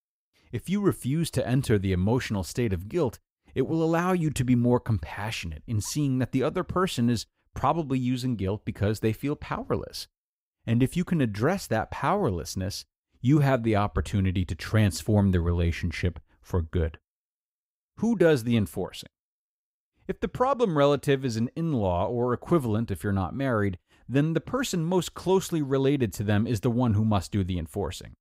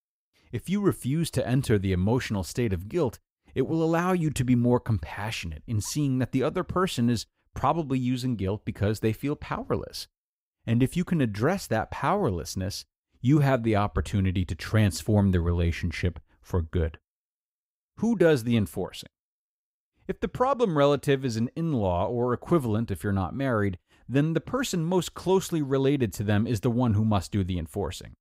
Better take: neither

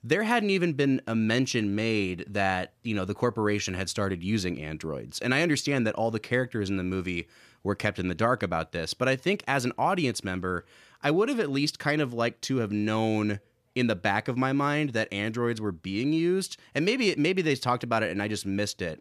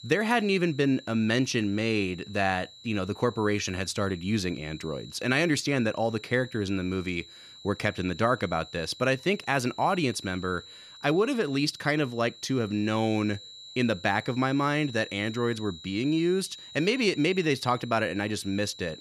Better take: first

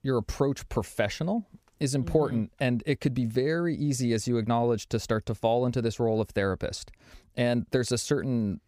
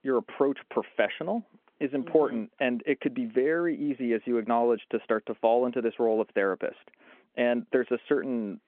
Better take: first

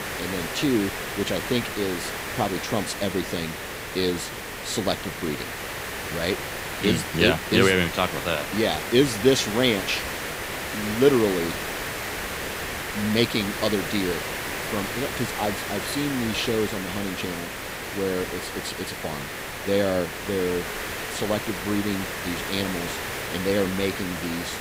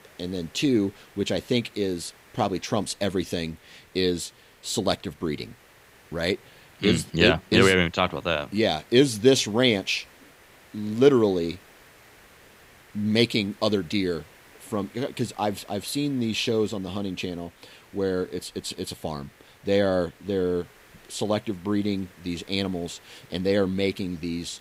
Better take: second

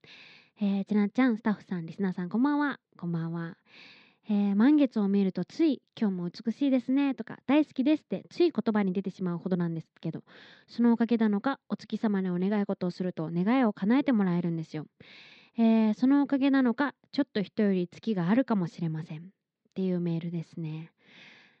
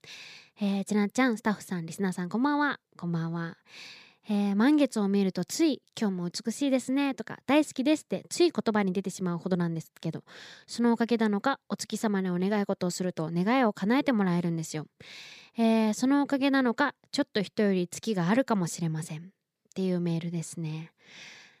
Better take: second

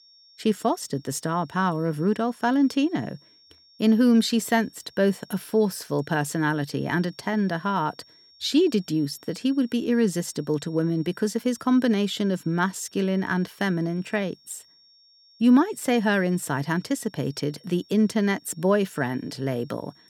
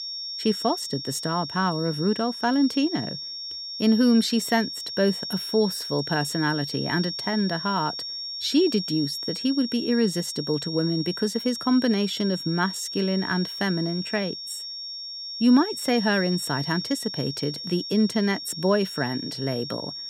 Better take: first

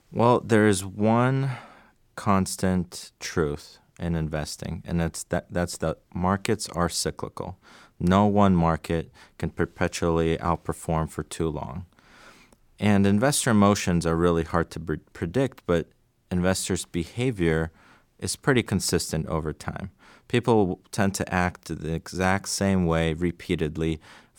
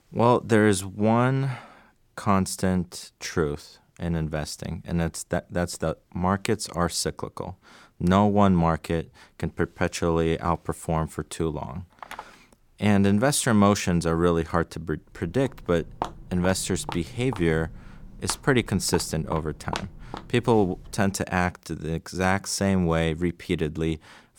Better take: first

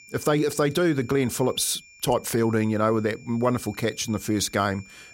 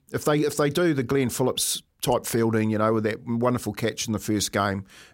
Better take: second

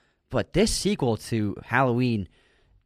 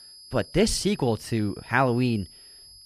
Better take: first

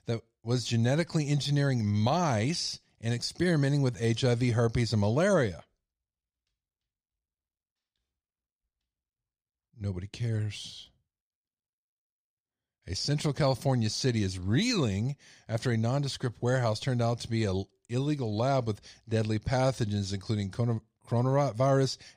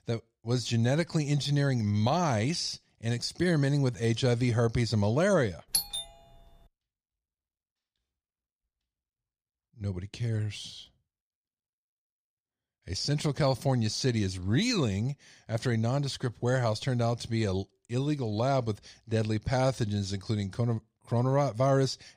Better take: first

